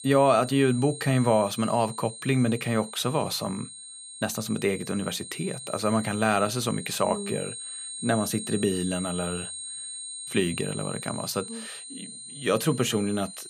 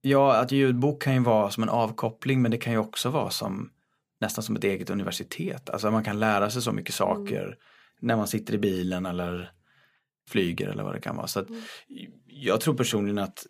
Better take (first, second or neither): second